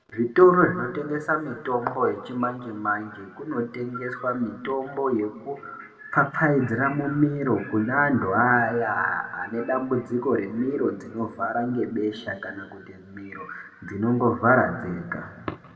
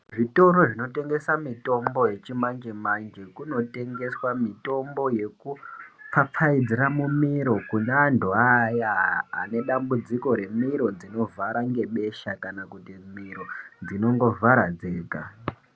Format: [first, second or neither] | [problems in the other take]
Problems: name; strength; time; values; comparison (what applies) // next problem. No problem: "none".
second | room echo; dies away in 1.5 s